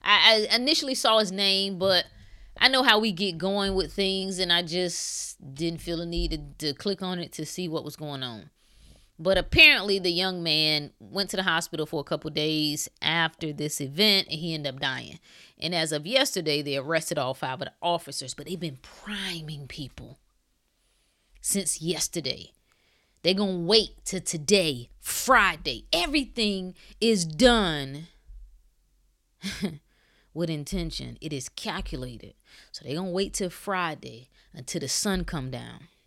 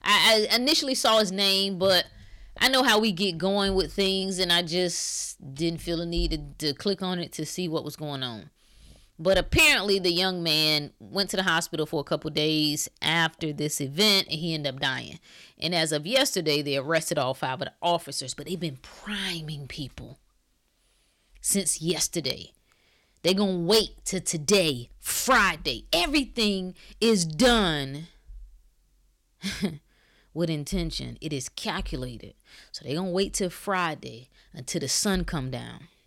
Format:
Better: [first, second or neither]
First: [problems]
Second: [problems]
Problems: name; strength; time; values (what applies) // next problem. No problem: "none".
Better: first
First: none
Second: distortion; slight; 1.5% of the sound clipped